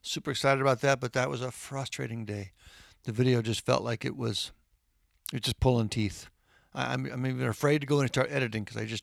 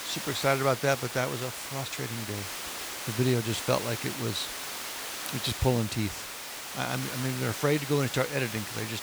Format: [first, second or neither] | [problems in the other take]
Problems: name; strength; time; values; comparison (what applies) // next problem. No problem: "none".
first | hiss; loud; throughout; 5 dB below the speech